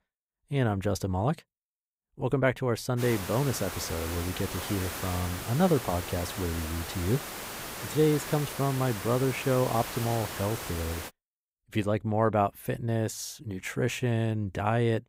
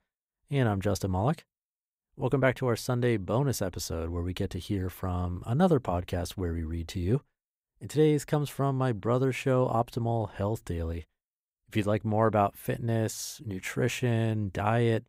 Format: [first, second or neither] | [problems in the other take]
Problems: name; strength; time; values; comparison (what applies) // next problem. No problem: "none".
second | hiss; loud; from 3 to 11 s; 7 dB below the speech